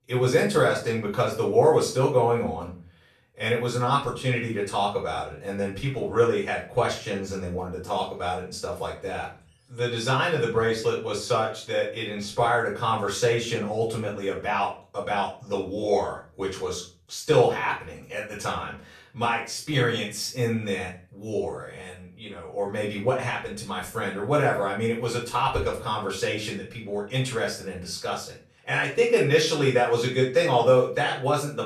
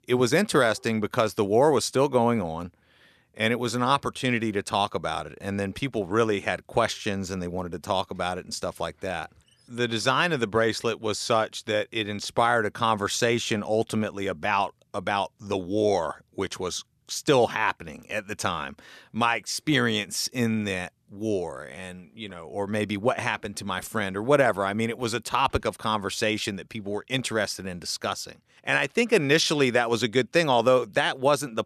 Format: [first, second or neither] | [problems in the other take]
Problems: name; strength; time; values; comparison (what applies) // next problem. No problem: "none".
second | off-mic speech; far // room echo; slight; dies away in 0.3 s